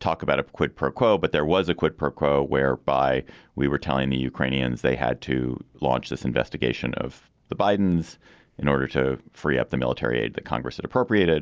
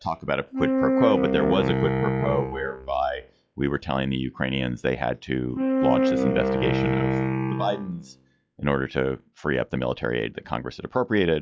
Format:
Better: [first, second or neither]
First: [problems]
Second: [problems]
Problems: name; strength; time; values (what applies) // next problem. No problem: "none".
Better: first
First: none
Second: noise reduction (classical method log-MMSE)